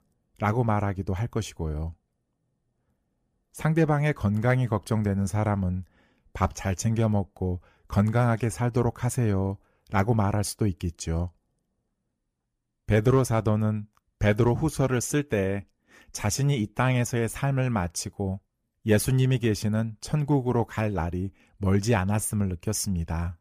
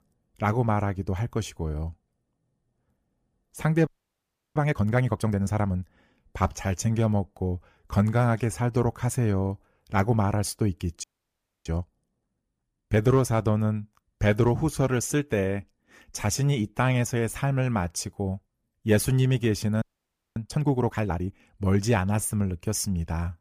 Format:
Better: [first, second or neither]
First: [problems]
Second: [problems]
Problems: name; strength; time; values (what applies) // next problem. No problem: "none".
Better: first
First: none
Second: audio freezing; at 4 s for 0.5 s, at 11 s for 0.5 s and at 20 s for 0.5 s